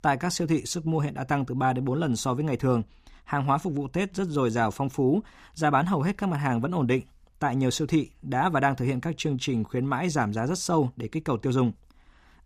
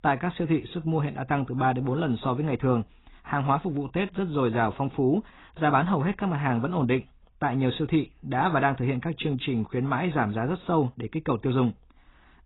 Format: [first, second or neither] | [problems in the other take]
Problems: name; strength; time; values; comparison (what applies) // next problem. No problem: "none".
first | garbled, watery; badly; nothing above 4 kHz